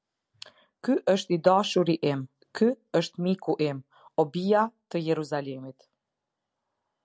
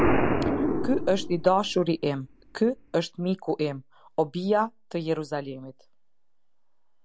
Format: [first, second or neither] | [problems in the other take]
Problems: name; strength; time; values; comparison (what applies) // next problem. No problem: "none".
first | background sound (Explosion); 3 dB below the speech